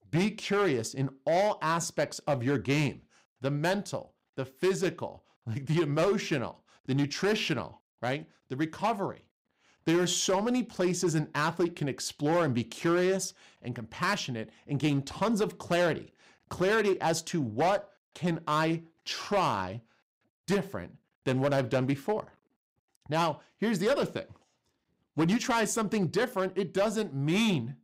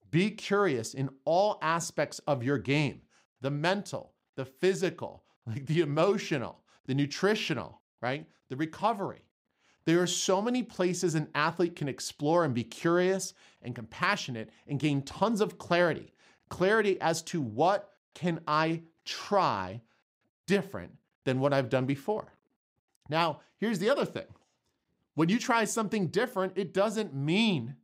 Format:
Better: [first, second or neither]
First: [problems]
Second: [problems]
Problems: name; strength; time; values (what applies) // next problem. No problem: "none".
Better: second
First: distortion; slight; 5% of the sound clipped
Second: none